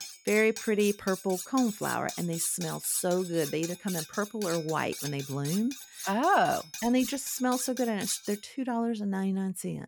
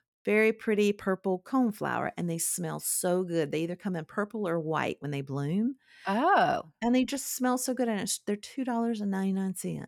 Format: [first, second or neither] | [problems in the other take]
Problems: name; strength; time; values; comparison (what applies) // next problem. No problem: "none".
second | clattering dishes; noticeable; until 8.5 s; peak 7 dB below the speech